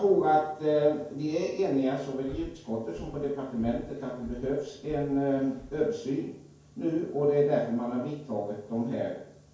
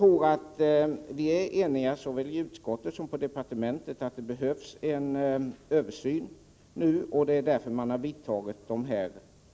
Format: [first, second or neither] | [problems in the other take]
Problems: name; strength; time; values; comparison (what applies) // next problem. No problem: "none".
second | background sound (Breathing); 19 dB below the speech // room echo; dies away in 0.5 s